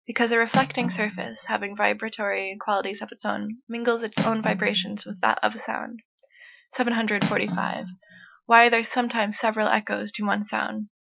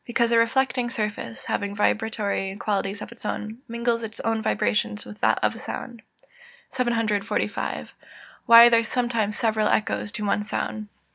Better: second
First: noise reduction (classical method Wiener filter)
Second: none

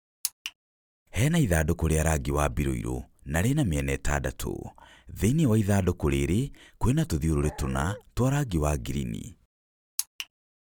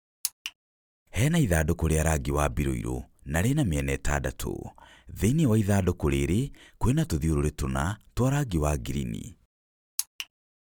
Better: second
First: background sound (Dog); 16 dB below the speech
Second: none

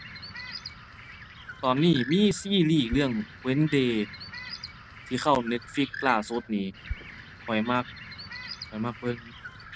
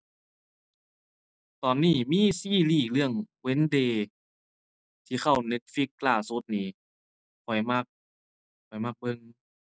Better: second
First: background sound (Bird); 13 dB below the speech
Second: none

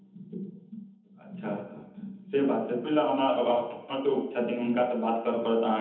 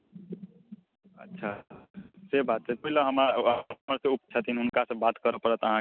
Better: second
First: room echo; dies away in 1.3 s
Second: none

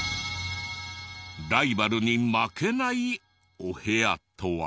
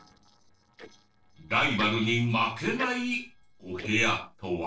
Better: first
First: none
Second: noise reduction (neural separator model SepFormer DNS4)

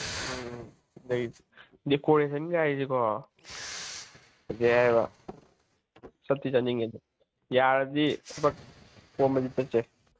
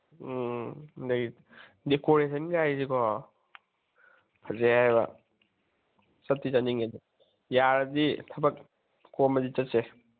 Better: second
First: noise reduction (neural mask model RNNoise)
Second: none

